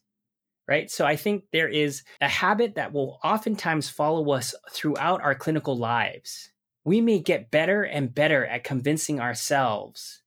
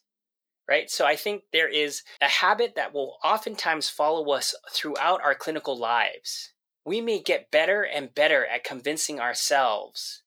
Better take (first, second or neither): first